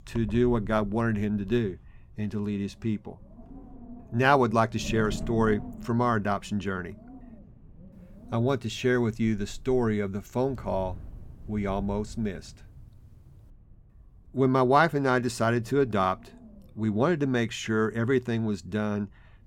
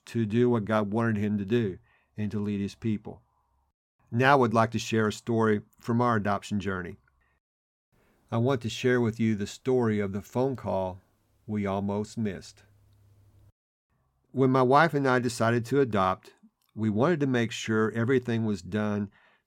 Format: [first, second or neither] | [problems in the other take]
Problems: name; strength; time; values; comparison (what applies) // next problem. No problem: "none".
second | wind noise on the microphone; occasional gusts; 20 dB below the speech